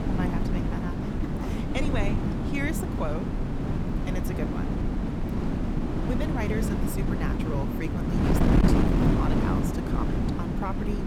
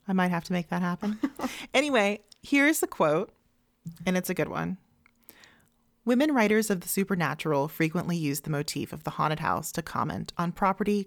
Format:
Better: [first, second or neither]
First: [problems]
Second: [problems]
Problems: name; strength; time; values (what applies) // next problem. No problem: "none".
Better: second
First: wind noise on the microphone; heavy; 3 dB above the speech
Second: none